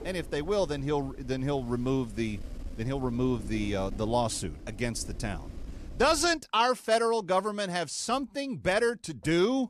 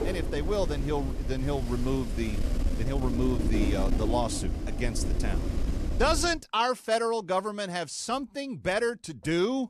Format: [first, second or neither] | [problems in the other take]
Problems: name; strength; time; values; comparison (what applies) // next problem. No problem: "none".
first | wind noise on the microphone; heavy; until 6.5 s; 9 dB below the speech; occasional gusts in the first